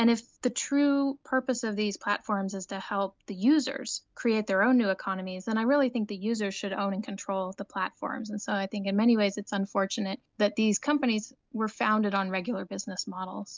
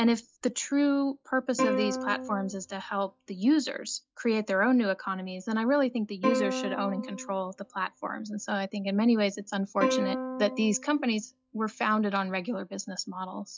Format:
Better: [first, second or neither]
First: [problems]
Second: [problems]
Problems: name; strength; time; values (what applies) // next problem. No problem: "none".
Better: first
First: none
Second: noise reduction (classical method log-MMSE)